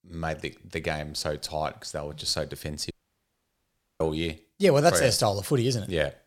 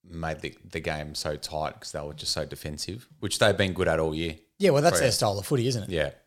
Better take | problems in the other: second | audio cutting out; at 3 s for 1 s

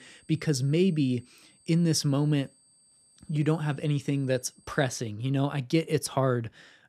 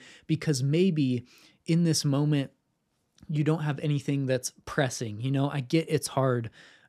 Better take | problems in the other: second | high-pitched whine; faint; until 5 s; 8.5 kHz, 30 dB below the speech

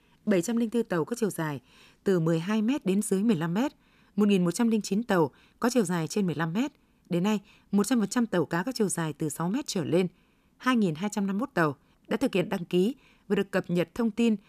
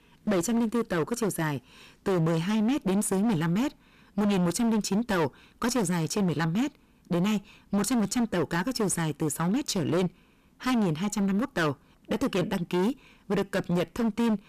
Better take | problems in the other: first | distortion; heavy; 21% of the sound clipped

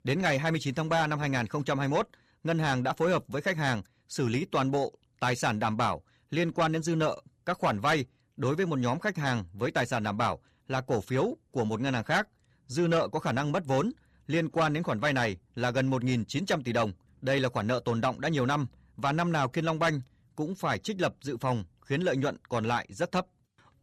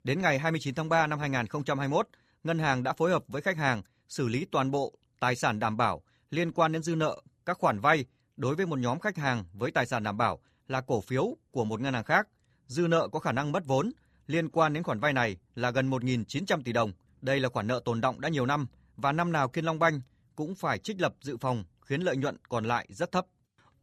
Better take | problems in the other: second | distortion; slight; 10 dB below the speech

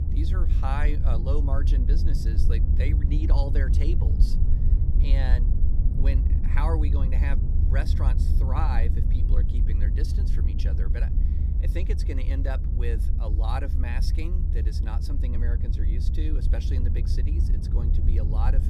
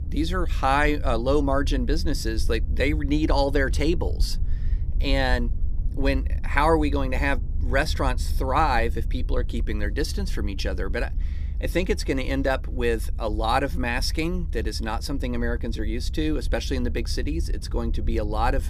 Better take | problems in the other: second | low rumble; loud; throughout; 4 dB below the speech; faint in the second

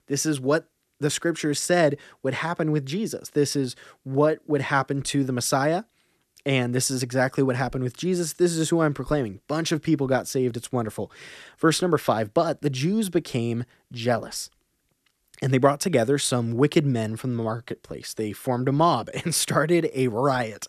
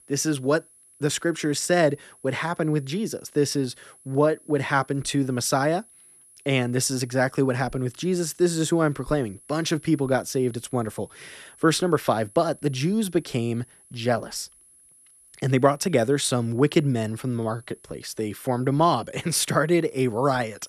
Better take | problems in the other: first | high-pitched whine; faint; throughout; 10.5 kHz, 25 dB below the speech

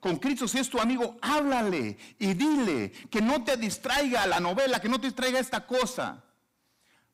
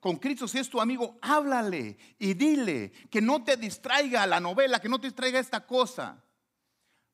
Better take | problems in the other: second | distortion; heavy; 7 dB below the speech

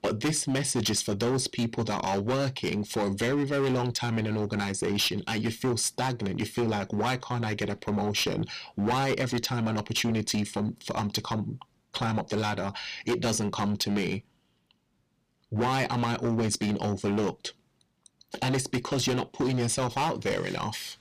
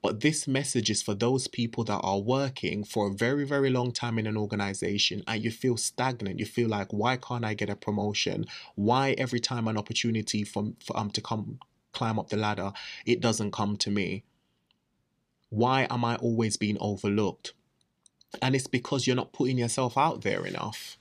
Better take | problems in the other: second | distortion; heavy; 14% of the sound clipped

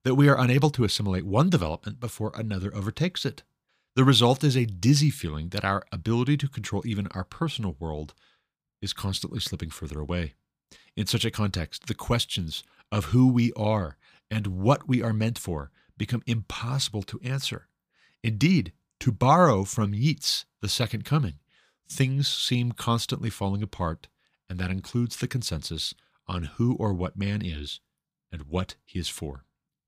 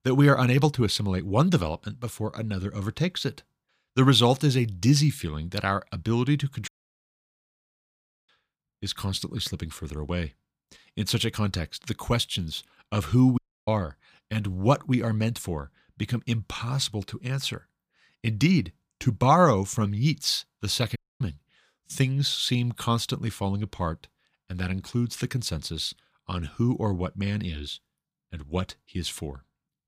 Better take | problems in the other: first | audio cutting out; at 6.5 s for 1.5 s, at 13 s and at 21 s

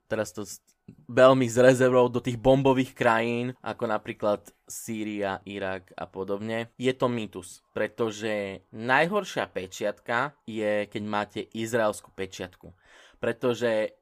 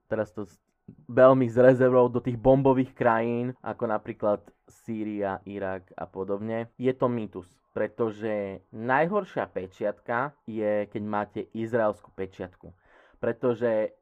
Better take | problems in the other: first | muffled; very; fading above 2.5 kHz

